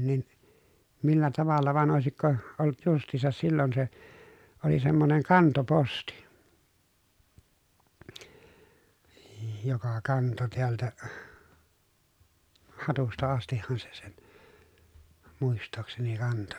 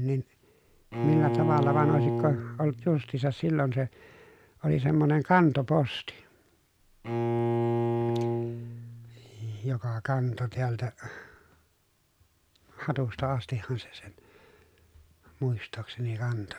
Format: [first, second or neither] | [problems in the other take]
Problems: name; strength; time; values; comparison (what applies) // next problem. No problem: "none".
first | background sound (Bowed string instrument); as loud as the speech